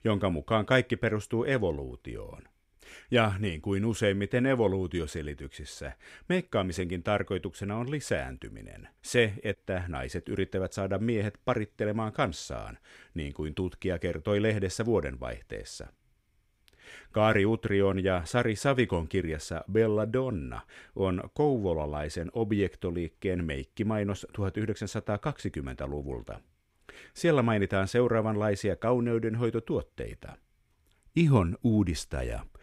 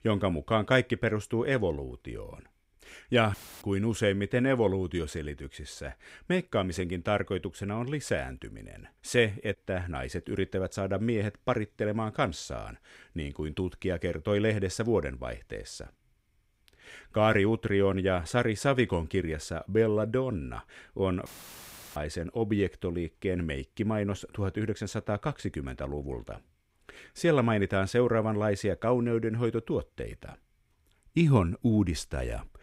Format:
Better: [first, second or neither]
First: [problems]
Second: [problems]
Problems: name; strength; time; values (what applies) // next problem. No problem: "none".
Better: first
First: none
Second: audio cutting out; filled with static; at 3.5 s and at 21 s for 0.5 s